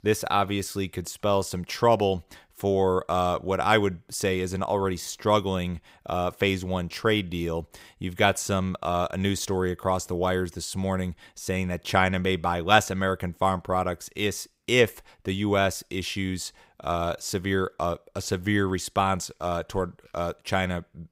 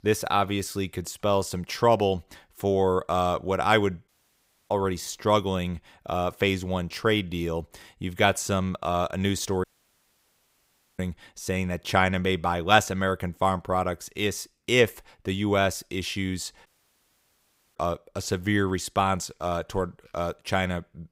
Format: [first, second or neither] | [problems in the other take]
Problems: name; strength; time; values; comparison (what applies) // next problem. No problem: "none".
first | audio cutting out; at 4 s for 0.5 s, at 9.5 s for 1.5 s and at 17 s for 1 s